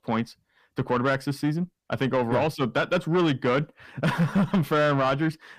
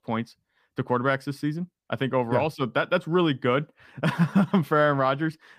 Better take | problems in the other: second | distortion; slight; 10 dB below the speech

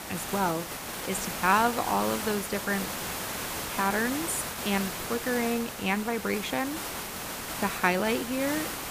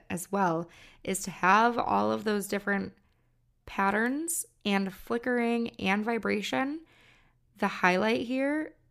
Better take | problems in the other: second | hiss; loud; throughout; 4 dB below the speech

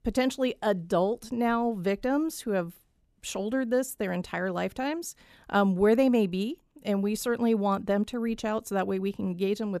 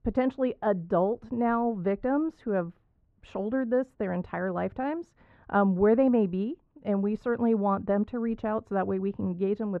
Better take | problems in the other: first | muffled; very; fading above 1.5 kHz

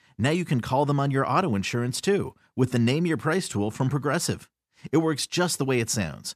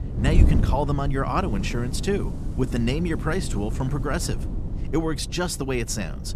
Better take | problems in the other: first | wind noise on the microphone; occasional gusts; 10 dB below the speech

